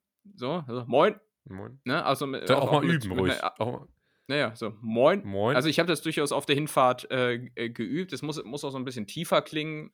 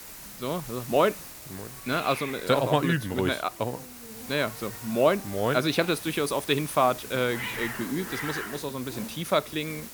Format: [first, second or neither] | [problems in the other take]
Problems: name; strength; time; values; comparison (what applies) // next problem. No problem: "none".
first | hiss; noticeable; throughout; 10 dB below the speech